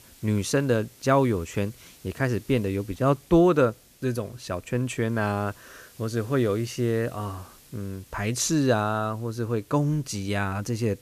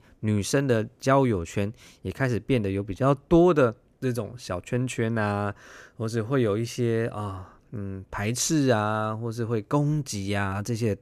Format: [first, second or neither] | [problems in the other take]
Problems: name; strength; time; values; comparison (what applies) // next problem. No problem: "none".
second | hiss; faint; throughout; 25 dB below the speech